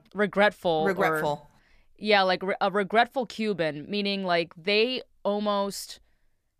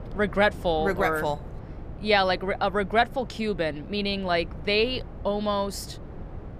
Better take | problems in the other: first | wind noise on the microphone; occasional gusts; 20 dB below the speech

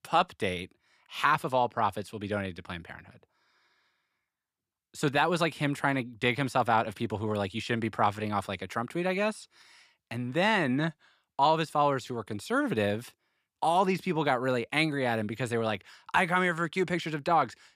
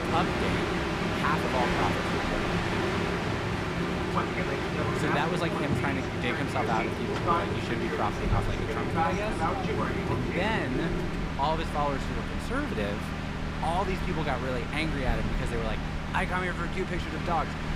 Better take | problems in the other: first | train or aircraft noise; very loud; throughout; 3 dB above the speech

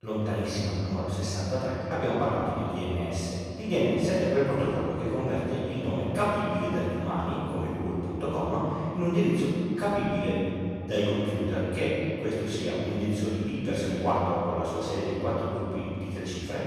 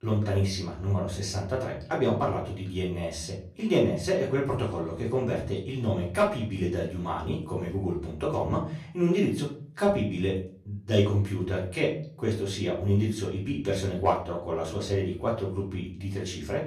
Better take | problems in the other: second | room echo; strong; dies away in 2.8 s; slight in the second // off-mic speech; far; far in the second

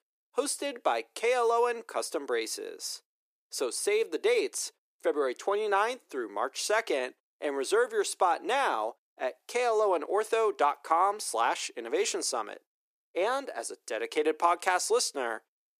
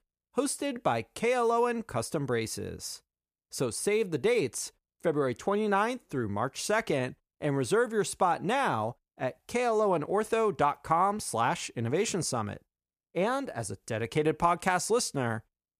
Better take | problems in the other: second | thin; somewhat; fading below 300 Hz

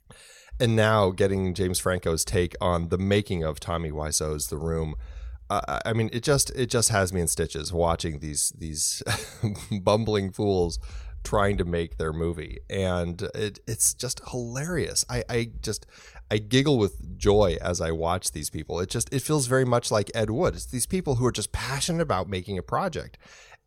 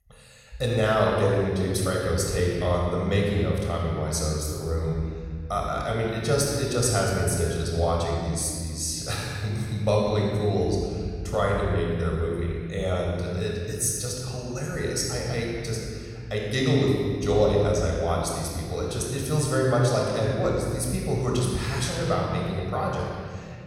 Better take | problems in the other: first | off-mic speech; somewhat distant // room echo; strong; dies away in 2.2 s

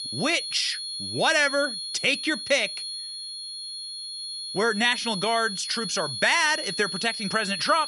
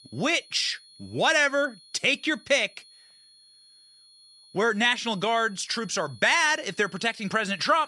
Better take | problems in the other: second | high-pitched whine; loud; throughout; 4.5 kHz, 6 dB below the speech; faint in the second

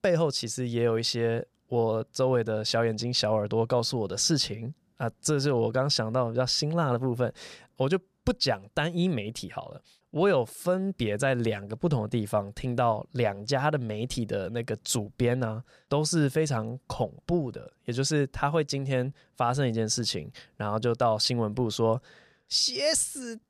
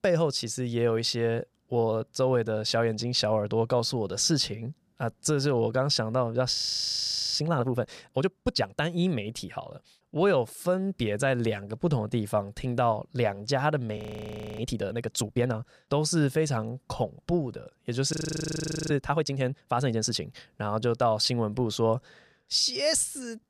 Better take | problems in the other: first | audio freezing; at 6.5 s for 1 s, at 14 s for 0.5 s and at 18 s for 1 s

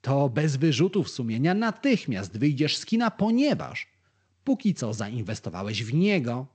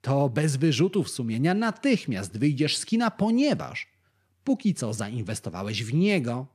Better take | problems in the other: second | garbled, watery; slightly; nothing above 8 kHz

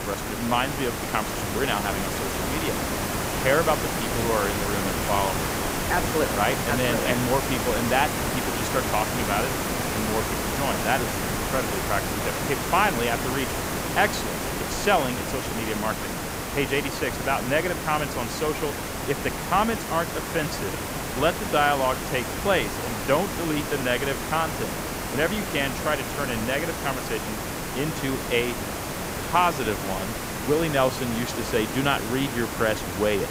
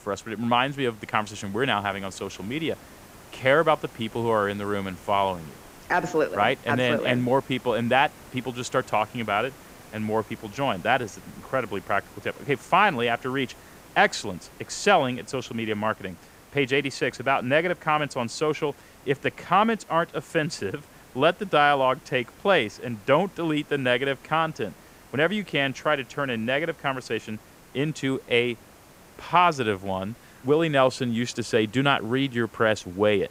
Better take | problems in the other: second | hiss; loud; throughout; 2 dB below the speech; faint in the second

